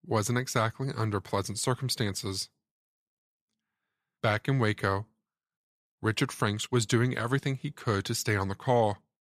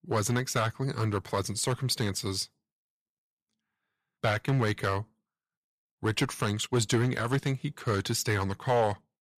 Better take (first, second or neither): first